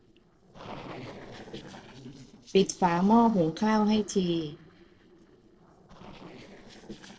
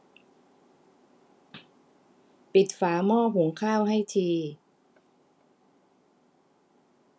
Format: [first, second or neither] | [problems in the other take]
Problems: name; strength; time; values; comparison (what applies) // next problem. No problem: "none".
second | noise reduction (neural separator model SepFormer DNS4)